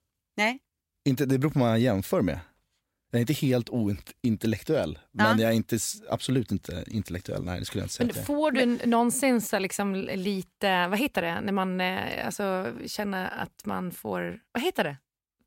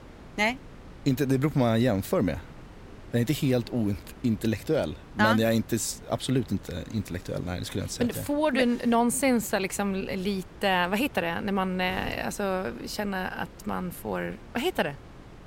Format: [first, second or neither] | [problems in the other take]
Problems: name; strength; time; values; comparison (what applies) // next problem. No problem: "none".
first | wind noise on the microphone; occasional gusts; 20 dB below the speech